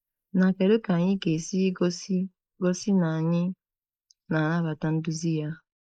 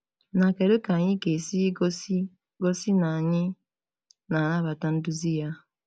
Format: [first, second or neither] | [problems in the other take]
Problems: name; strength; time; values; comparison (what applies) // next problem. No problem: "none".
second | noise reduction (neural mask model Resemble Enhance denoiser)